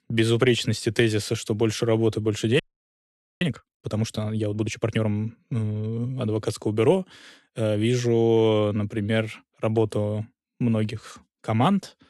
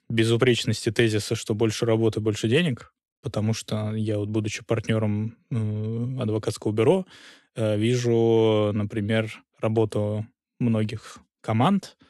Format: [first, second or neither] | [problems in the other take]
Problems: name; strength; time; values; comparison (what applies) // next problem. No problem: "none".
second | audio freezing; at 2.5 s for 1 s